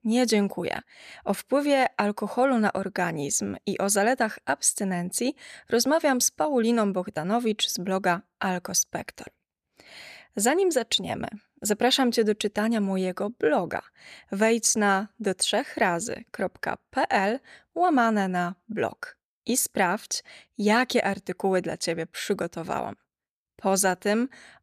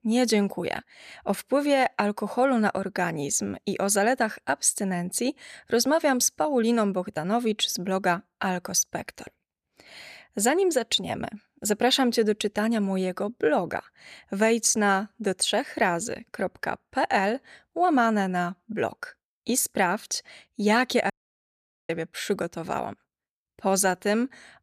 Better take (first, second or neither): first